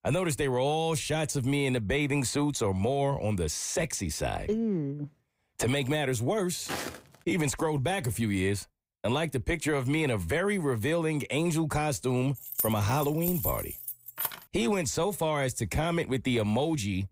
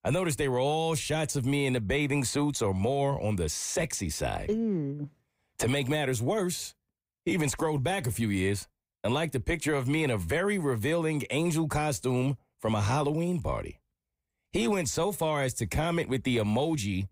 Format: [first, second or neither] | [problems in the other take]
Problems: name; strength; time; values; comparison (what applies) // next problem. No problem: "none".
second | footsteps; noticeable; at 6.5 s; peak 6 dB below the speech // jangling keys; noticeable; from 12 to 14 s; peak 2 dB below the speech